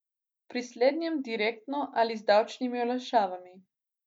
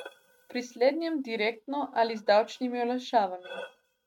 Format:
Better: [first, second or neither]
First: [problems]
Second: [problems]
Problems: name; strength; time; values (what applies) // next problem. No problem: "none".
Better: first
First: none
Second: noise reduction (neural mask model RNNoise)